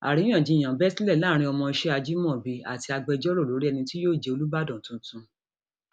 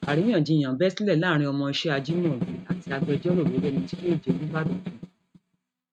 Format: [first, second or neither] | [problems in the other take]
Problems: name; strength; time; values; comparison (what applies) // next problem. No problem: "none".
first | noise reduction (neural mask model RNNoise)